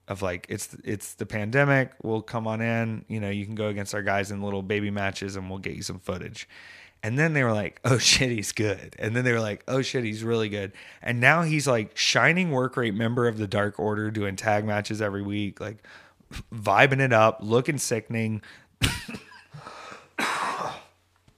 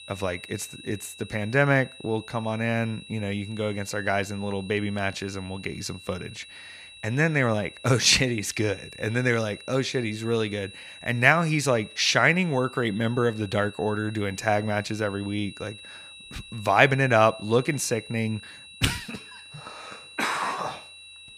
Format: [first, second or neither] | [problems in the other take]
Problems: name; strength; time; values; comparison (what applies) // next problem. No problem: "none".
first | high-pitched whine; noticeable; throughout; 4 kHz, 20 dB below the speech